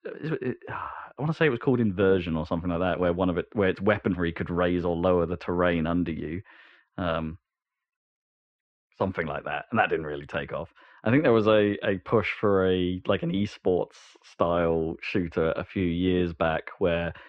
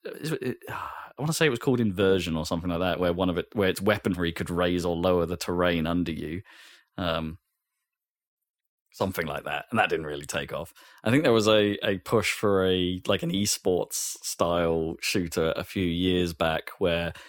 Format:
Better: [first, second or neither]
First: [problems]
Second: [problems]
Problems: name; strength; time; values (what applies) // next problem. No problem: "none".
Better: second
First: muffled; very; fading above 2.5 kHz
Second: none